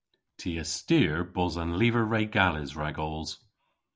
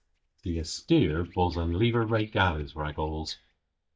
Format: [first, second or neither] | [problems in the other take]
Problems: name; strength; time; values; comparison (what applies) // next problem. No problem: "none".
first | noise reduction (neural mask model DeepFilterNet 3)